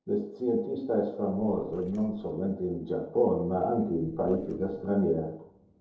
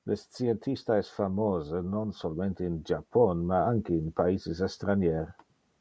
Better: second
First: noise reduction (neural separator model SepFormer DNS4)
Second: none

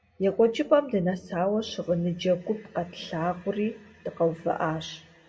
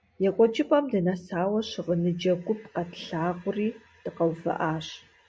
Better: second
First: room echo; dies away in 1.3 s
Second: none

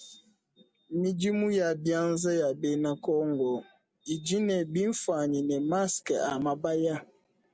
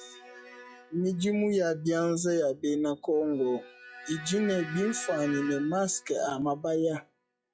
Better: first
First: none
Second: noise reduction (classical method log-MMSE)

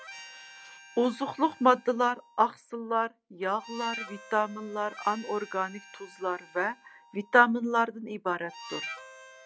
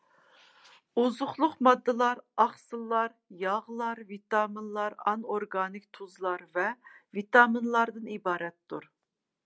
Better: second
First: background sound (Harmonica); 17 dB below the speech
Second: none

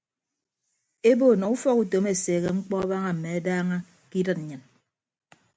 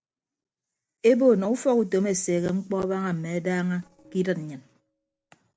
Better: first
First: none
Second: noise reduction (neural separator model SepFormer DNS4)

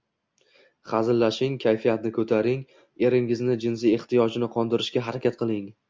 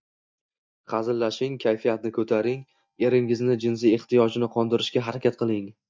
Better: first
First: none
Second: noise reduction (neural mask model DeepFilterNet 3)

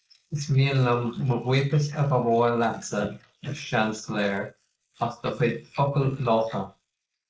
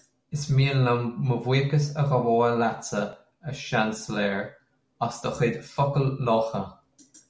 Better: second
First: noise reduction (neural mask model Resemble Enhance denoiser)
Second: none

